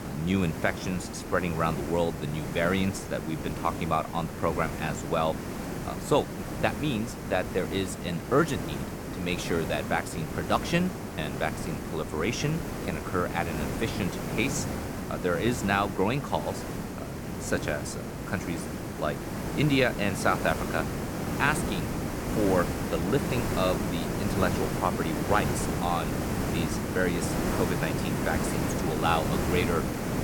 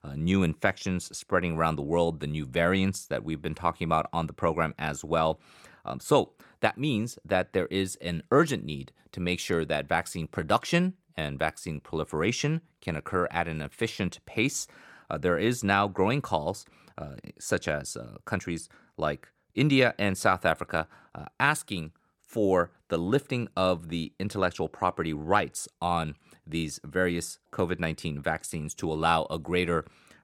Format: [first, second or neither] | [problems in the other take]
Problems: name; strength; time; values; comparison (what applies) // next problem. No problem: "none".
second | hiss; loud; throughout; 3 dB below the speech